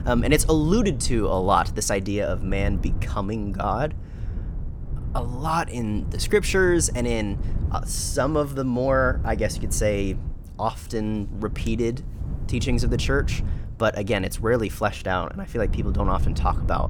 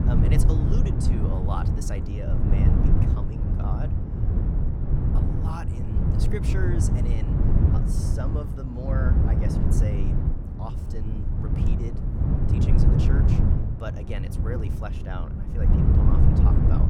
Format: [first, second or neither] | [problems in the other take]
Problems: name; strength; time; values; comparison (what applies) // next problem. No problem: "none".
first | wind noise on the microphone; heavy; 3 dB above the speech; occasional gusts in the first